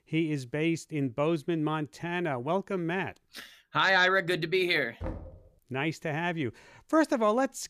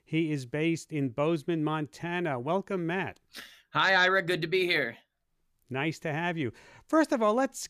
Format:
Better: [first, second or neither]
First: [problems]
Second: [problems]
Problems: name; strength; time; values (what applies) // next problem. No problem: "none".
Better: second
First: door banging; faint; at 5 s; peak 10 dB below the speech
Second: none